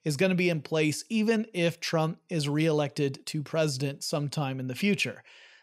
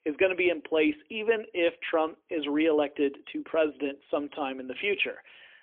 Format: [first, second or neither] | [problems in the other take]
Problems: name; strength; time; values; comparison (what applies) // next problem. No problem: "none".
first | phone-call audio; poor line